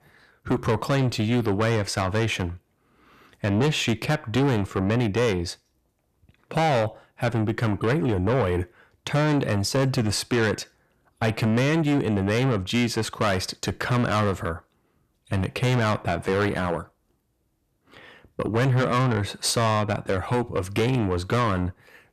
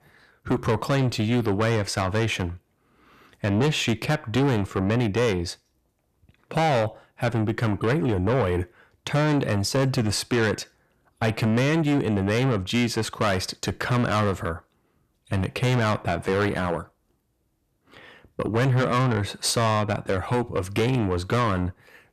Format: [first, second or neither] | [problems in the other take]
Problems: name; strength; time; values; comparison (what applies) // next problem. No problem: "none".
neither | distortion; heavy; 6 dB below the speech; the same in both